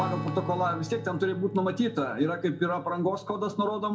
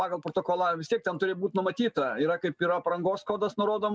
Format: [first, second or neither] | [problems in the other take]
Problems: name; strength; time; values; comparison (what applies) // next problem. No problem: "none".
second | background sound (Strum); 10 dB below the speech // room echo; dies away in 0.3 s